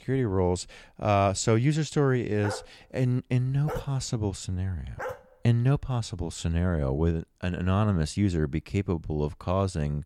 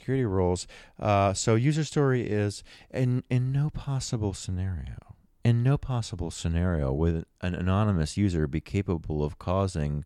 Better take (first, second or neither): second